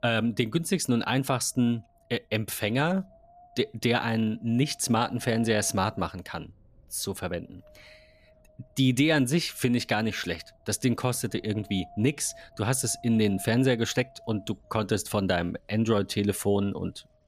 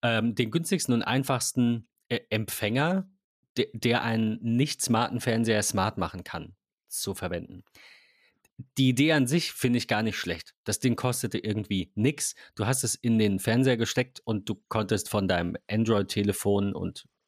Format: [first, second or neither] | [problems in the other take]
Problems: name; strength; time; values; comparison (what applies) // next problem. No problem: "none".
second | wind noise on the microphone; occasional gusts; 25 dB below the speech